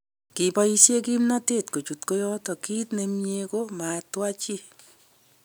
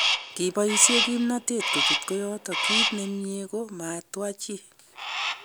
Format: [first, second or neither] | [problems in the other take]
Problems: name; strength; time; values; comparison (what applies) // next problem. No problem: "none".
first | background sound (Crow); as loud as the speech